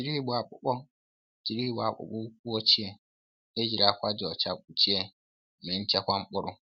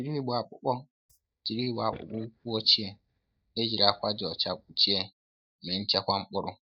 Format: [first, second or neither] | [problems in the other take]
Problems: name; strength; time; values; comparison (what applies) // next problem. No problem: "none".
first | noise reduction (neural mask model DeepFilterNet 3)